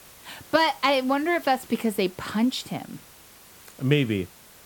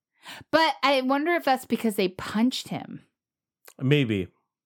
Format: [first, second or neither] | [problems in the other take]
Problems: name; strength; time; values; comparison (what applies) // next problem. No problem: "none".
second | hiss; faint; throughout; 20 dB below the speech